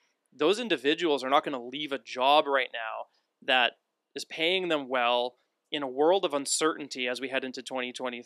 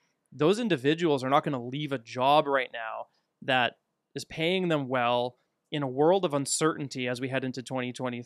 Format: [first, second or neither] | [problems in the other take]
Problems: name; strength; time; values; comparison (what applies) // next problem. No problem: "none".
second | thin; very slightly; fading below 300 Hz